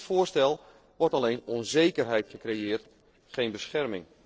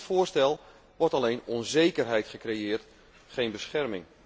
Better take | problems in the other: second | noise reduction (neural separator model SepFormer DNS4)

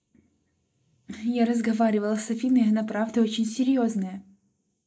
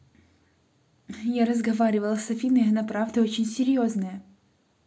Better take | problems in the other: second | noise reduction (neural mask model Resemble Enhance denoiser)

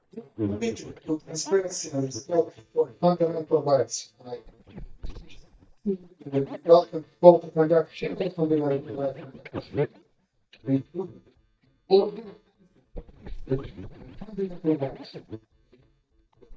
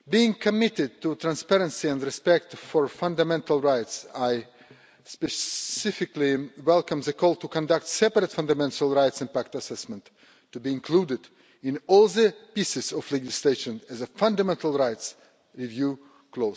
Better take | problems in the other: second | noise reduction (neural mask model DeepFilterNet 3)

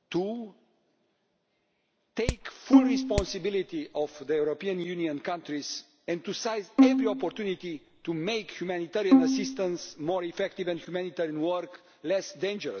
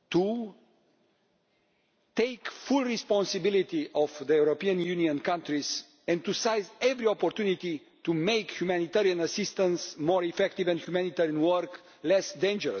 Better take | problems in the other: second | background sound (Hammer + Bowed string instrument); 5 dB above the speech

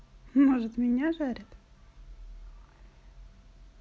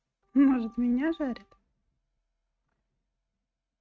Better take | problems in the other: first | noise reduction (neural mask model RNNoise)

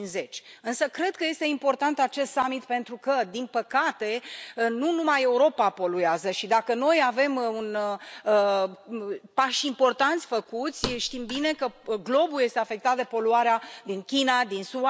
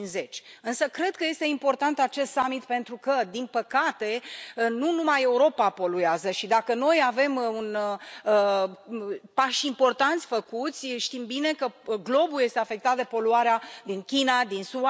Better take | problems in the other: second | background sound (Thump, thud); 12 dB below the speech

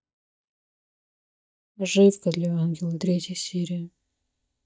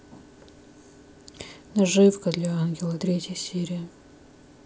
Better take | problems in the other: second | noise reduction (neural mask model DeepFilterNet 3)

